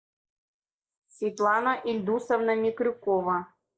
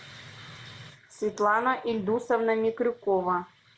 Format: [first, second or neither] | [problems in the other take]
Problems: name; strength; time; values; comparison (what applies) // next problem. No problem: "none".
second | noise reduction (neural mask model Resemble Enhance denoiser)